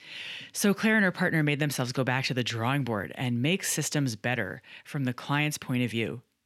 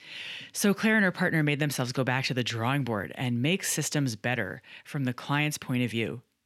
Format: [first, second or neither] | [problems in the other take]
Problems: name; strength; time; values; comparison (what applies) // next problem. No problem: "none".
neither | none